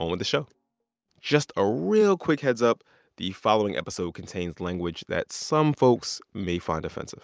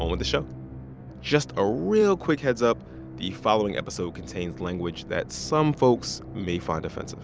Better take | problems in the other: first | background sound (Musical instrument); 13 dB below the speech

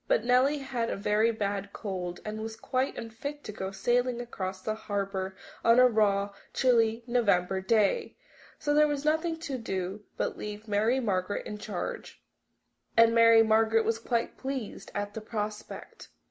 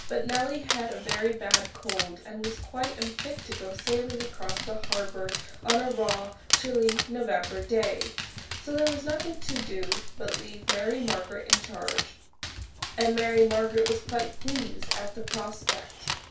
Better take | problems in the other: first | background sound (Dog); 2 dB below the speech // room echo; dies away in 0.2 s

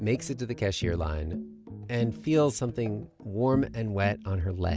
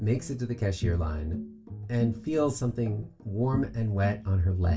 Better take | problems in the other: first | room echo; dies away in 0.2 s

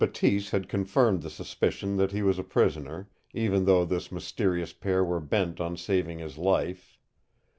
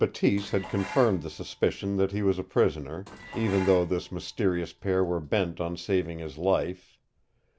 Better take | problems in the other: first | background sound (Dishes, pots, and pans); 18 dB below the speech

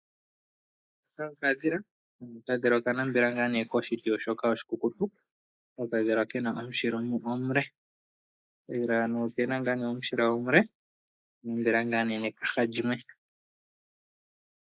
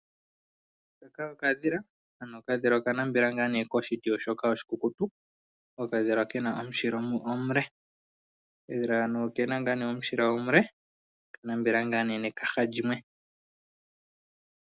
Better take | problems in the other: second | noise reduction (neural mask model Resemble Enhance denoiser)

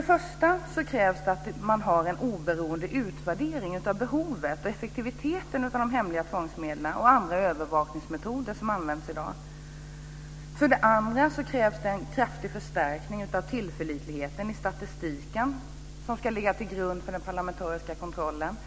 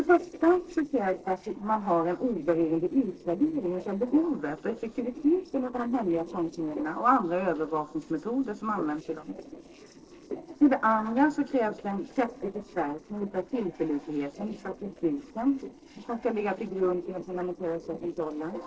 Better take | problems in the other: first | noise reduction (neural separator model SepFormer DNS4)

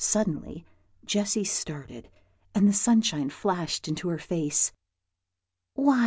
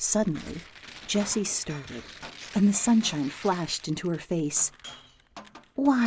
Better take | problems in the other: first | background sound (Tearing + Glass); 18 dB below the speech

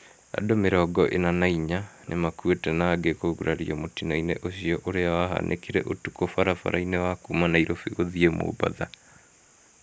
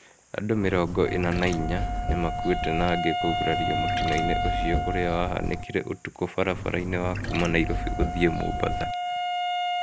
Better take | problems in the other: first | background sound (Trickle, dribble / Chirp, tweet + Wind instrument, woodwind instrument); 1 dB below the speech

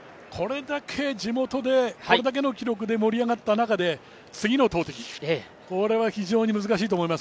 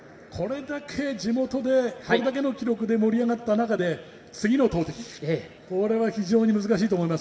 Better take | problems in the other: first | room echo; dies away in 1.4 s

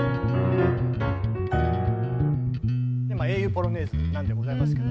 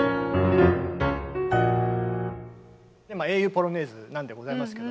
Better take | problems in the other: second | background sound (Bass guitar); 5 dB above the speech

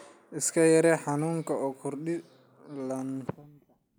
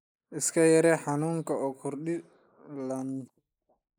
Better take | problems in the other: first | noise reduction (neural mask model Resemble Enhance denoiser)

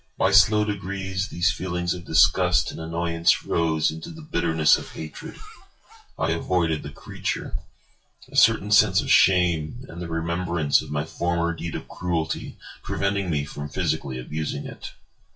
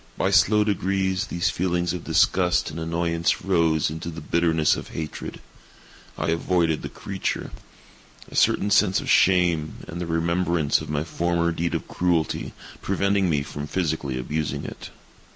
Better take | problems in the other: second | noise reduction (classical method WPE with log-MMSE)

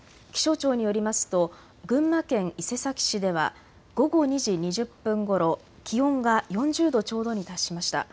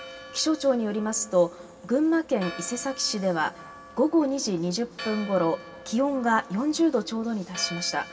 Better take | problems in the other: first | background sound (Church bell); 17 dB below the speech // room echo; dies away in 2.2 s

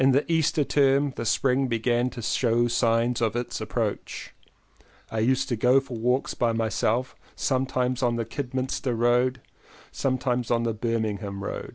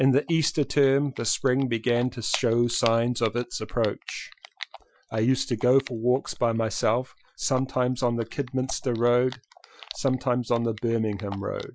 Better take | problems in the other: first | noise reduction (classical method Wiener filter)

